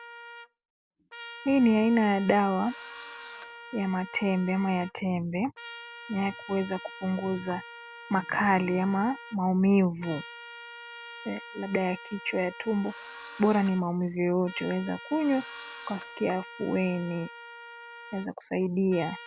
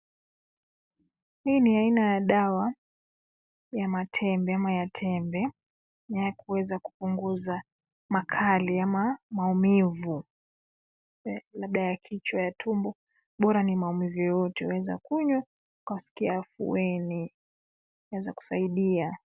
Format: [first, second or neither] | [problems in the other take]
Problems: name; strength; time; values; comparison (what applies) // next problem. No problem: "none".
second | background sound (Trumpet + Engine / Drill); 16 dB below the speech